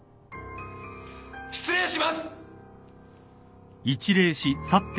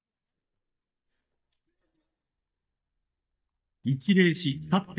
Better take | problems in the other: first | noise reduction (neural mask model DeepFilterNet 3)

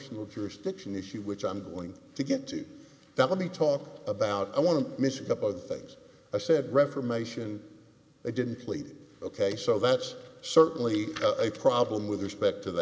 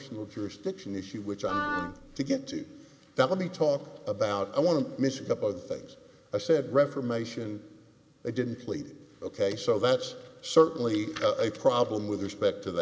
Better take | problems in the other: first | background sound (Wind instrument, woodwind instrument); 5 dB below the speech

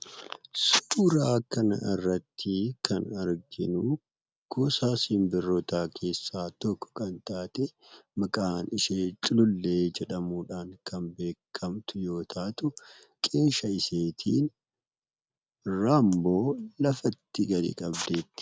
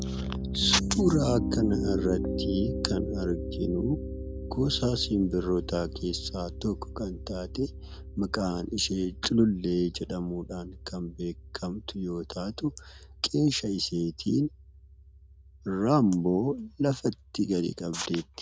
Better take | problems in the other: first | background sound (Piano); 7 dB below the speech

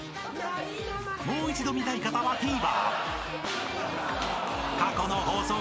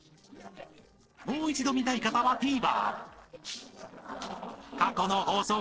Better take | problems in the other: first | noise reduction (neural separator model SepFormer DNS4)

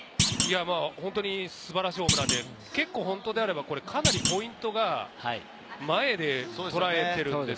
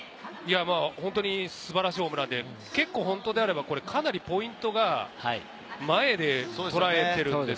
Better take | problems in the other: second | background sound (Thump, thud); 1 dB below the speech

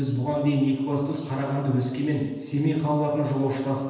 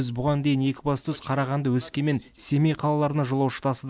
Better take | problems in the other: second | room echo; dies away in 1.1 s

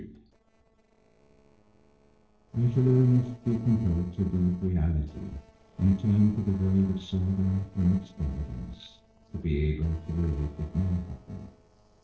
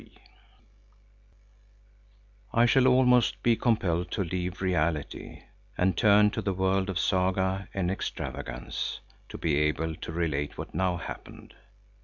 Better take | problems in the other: second | noise reduction (neural separator model SepFormer DNS4)

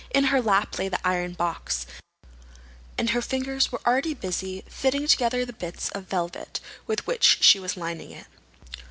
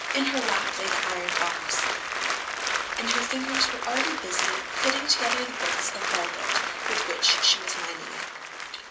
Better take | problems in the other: first | background sound (Applause); 2 dB above the speech // room echo; dies away in 0.3 s

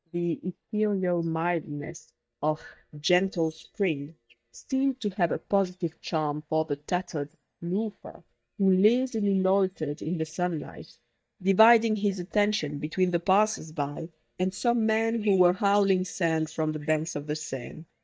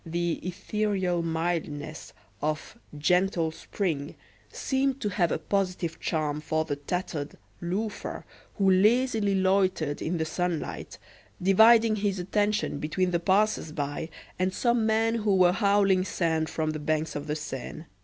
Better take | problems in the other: second | noise reduction (neural mask model DeepFilterNet 3)

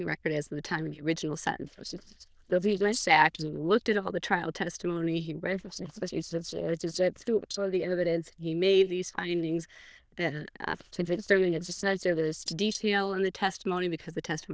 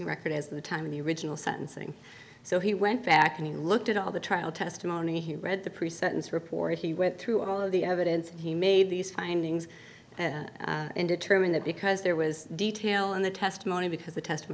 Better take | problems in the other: second | noise reduction (neural diffusion model UNIVERSE++)

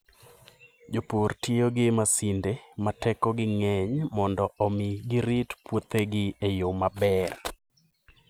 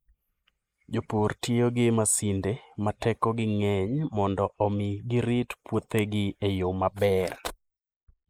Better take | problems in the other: first | noise reduction (neural mask model Resemble Enhance denoiser)

